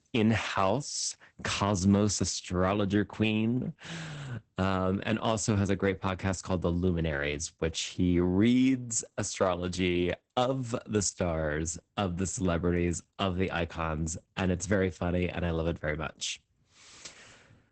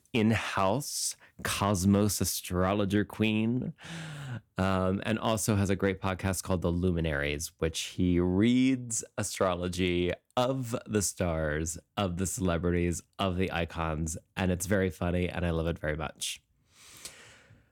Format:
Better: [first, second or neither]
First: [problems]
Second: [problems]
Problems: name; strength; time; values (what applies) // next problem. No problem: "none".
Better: second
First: garbled, watery; badly; nothing above 8 kHz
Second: none